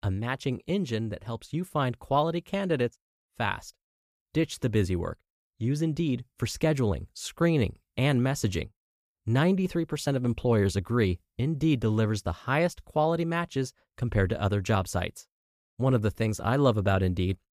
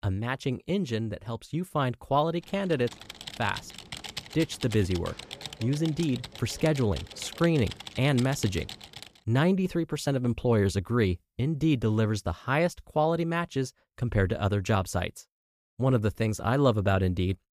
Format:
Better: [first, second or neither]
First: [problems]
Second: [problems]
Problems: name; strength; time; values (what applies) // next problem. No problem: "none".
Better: first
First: none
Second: keyboard typing; noticeable; from 2.5 to 9 s; peak 9 dB below the speech